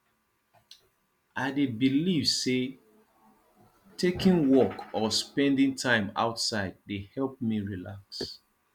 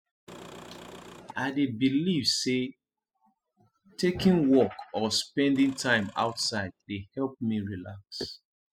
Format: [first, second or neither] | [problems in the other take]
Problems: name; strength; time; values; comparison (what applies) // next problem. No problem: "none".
first | noise reduction (classical method spectral subtraction)